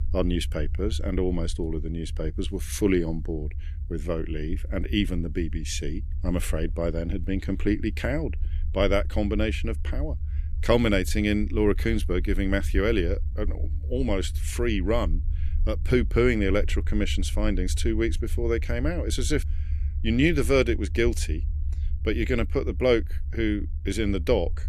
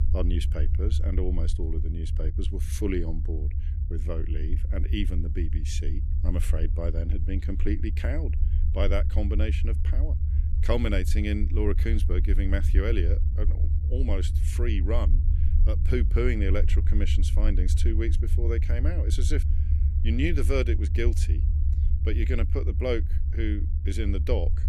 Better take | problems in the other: first | low rumble; loud; throughout; 10 dB below the speech; faint in the first

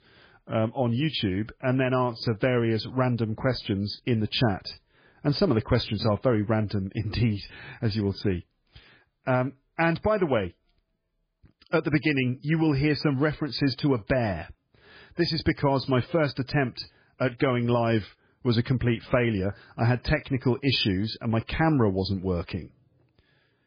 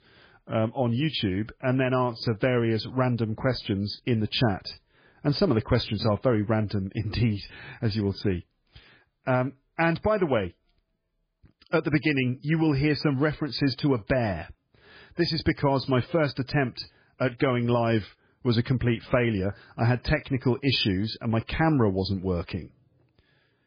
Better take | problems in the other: neither | garbled, watery; badly; nothing above 5 kHz; the same in both

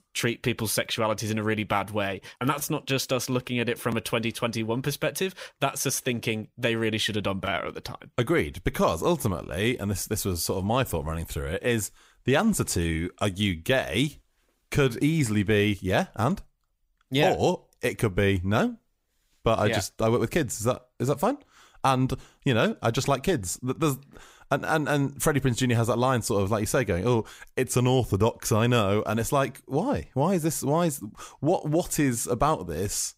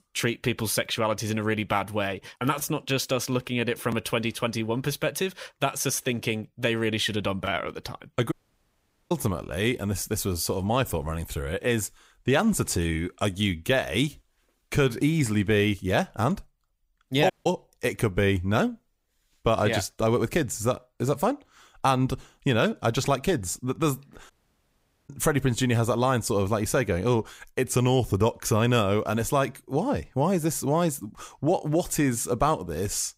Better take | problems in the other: first | audio cutting out; at 8.5 s for 1 s, at 17 s and at 24 s for 1 s

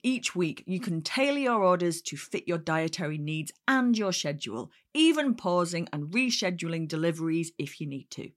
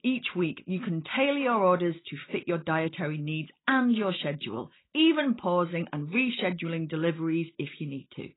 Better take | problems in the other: first | garbled, watery; badly; nothing above 4 kHz

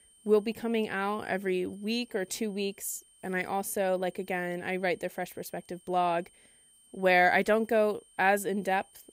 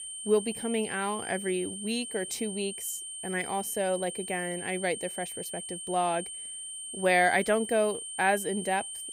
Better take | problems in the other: first | high-pitched whine; loud; throughout; 8.5 kHz, 7 dB below the speech; faint in the first

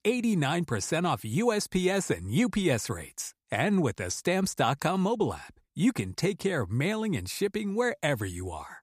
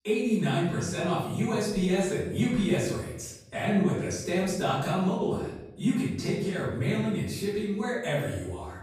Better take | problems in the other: first | off-mic speech; far // room echo; noticeable; dies away in 0.8 s

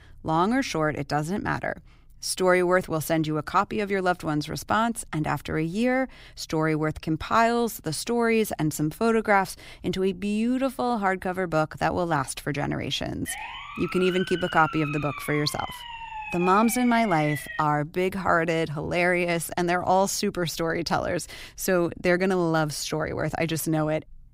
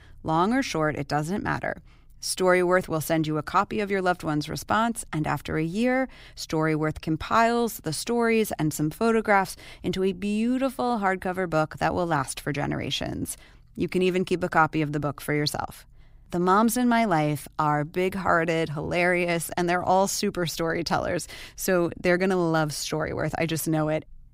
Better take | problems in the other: second | siren; noticeable; from 13 to 18 s; peak 8 dB below the speech

